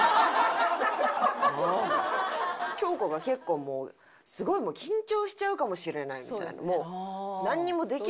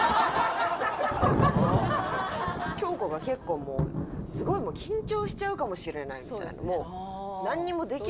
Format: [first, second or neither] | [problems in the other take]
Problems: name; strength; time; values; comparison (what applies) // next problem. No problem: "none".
first | background sound (Thunder); 4 dB below the speech